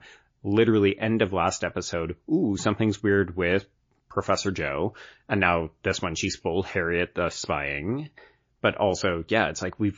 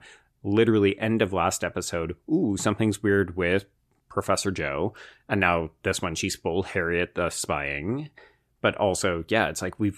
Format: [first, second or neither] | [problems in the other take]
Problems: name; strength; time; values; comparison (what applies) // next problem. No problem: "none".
second | garbled, watery; slightly